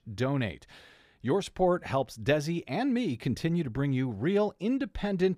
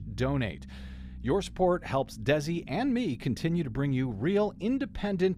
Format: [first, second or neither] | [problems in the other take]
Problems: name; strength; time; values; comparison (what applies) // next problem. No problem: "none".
first | low rumble; faint; throughout; 25 dB below the speech